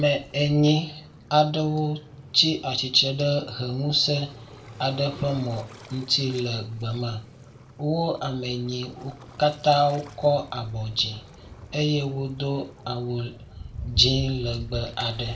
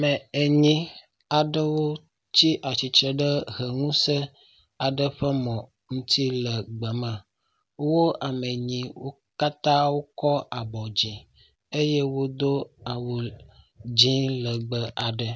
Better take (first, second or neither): second